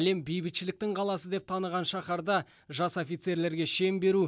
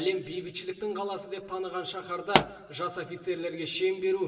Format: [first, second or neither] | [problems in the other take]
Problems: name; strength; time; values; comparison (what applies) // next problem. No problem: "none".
first | background sound (Explosion); 1 dB above the speech // room echo; dies away in 1.3 s